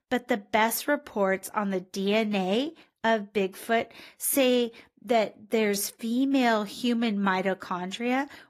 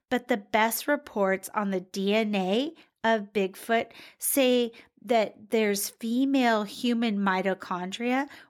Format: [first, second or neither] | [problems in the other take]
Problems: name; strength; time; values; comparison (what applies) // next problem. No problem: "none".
second | garbled, watery; slightly; nothing above 13.5 kHz